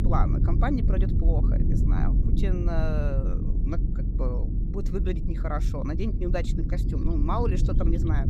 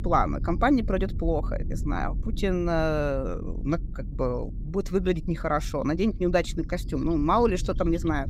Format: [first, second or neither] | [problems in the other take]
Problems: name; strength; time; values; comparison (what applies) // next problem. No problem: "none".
second | low rumble; loud; throughout; 5 dB below the speech; faint in the second